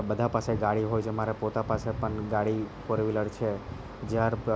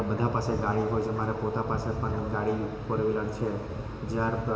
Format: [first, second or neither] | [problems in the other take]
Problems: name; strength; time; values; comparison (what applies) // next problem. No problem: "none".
first | background sound (Dog); 15 dB below the speech // room echo; dies away in 2.8 s